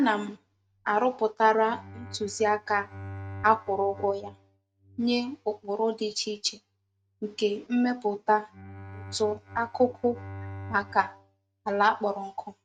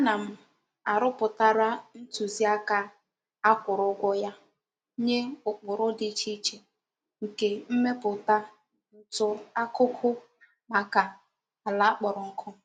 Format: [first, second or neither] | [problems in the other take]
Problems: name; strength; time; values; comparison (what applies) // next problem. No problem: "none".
second | noise reduction (neural mask model RNNoise)